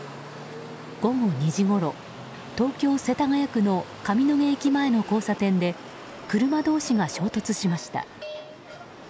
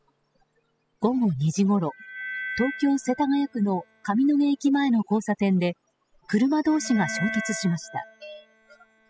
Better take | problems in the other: first | noise reduction (classical method spectral subtraction)

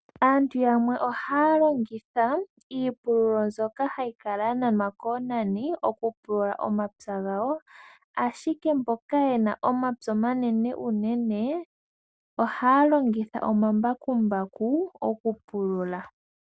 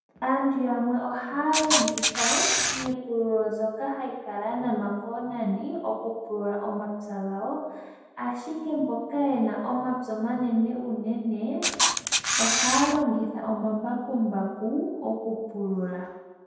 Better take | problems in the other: first | background sound (Camera); 3 dB above the speech // room echo; dies away in 1.1 s

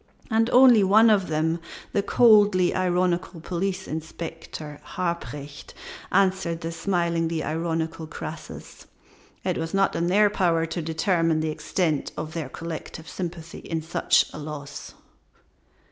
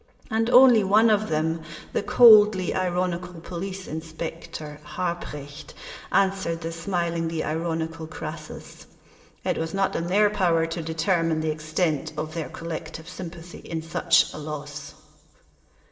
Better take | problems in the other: first | room echo; dies away in 2.1 s

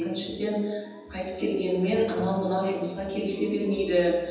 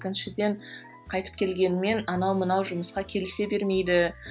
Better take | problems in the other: second | room echo; dies away in 1.1 s

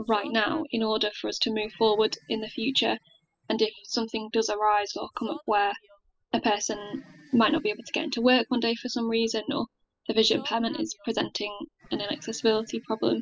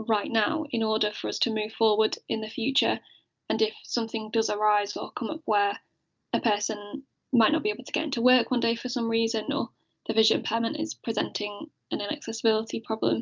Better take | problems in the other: second | noise reduction (classical method spectral subtraction)

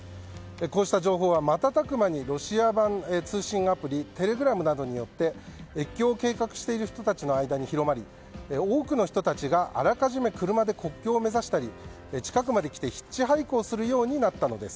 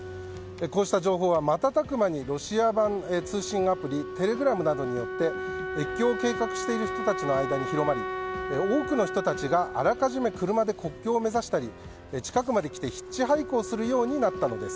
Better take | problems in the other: first | background sound (Wind instrument, woodwind instrument); 9 dB below the speech

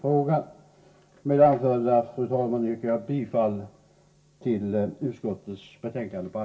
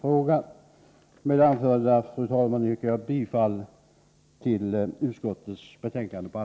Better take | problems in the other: second | room echo; dies away in 0.2 s

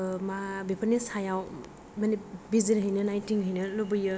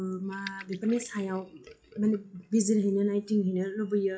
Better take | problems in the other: first | noise reduction (classical method WPE with log-MMSE)

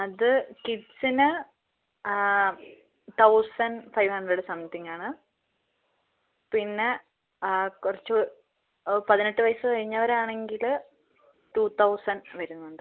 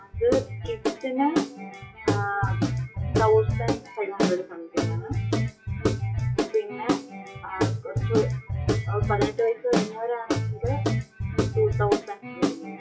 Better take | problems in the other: first | noise reduction (classical method WPE with log-MMSE)

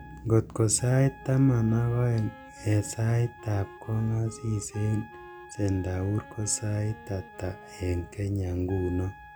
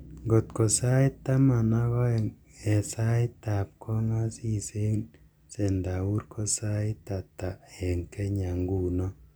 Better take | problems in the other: second | background sound (Trumpet + Wind instrument, woodwind instrument); 20 dB below the speech

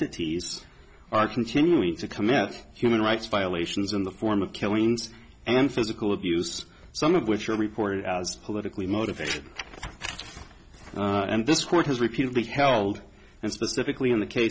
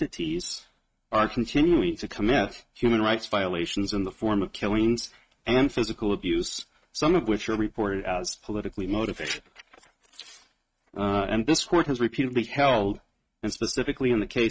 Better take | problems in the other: first | noise reduction (neural mask model RNNoise)

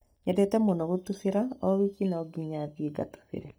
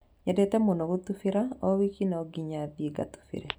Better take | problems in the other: second | noise reduction (neural mask model DeepFilterNet 3)

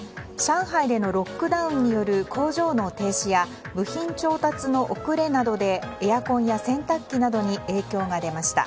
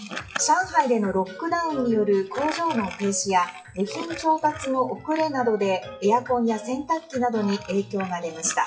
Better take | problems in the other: first | noise reduction (classical method WPE with log-MMSE)

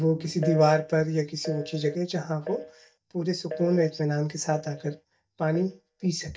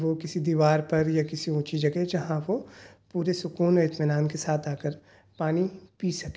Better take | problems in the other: second | noise reduction (neural mask model DeepFilterNet 3)

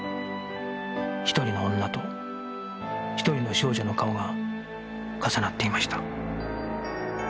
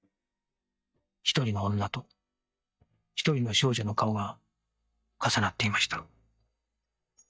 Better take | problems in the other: first | noise reduction (neural mask model DeepFilterNet 3)

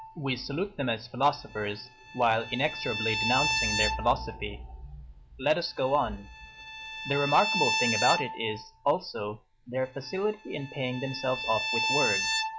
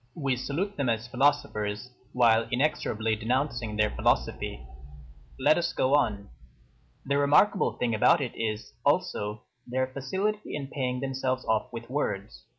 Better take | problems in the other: second | background sound (Bowed string instrument); 4 dB below the speech

